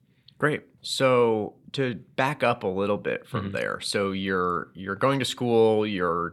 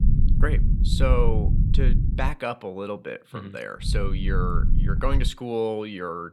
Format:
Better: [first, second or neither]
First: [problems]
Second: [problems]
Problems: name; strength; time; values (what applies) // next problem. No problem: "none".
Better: first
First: none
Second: low rumble; loud; until 2.5 s and from 4 to 5.5 s; 9 dB below the speech